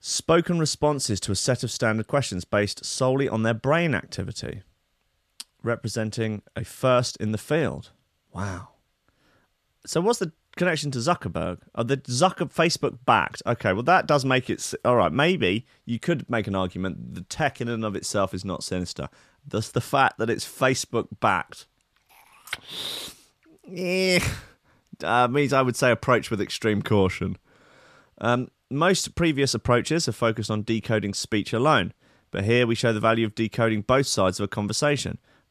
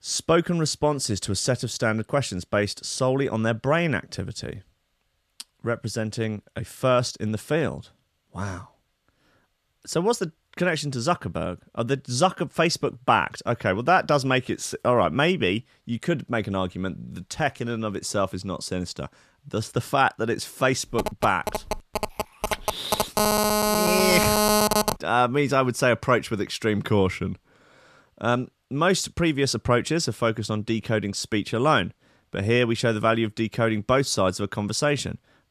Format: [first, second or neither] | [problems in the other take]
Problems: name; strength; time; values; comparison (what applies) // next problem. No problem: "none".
first | phone ringing; loud; from 21 to 25 s; peak 6 dB above the speech